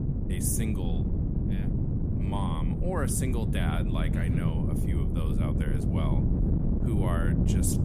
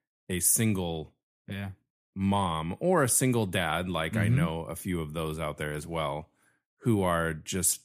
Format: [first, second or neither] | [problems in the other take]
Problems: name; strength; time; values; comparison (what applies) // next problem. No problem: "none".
second | wind noise on the microphone; heavy; 1 dB below the speech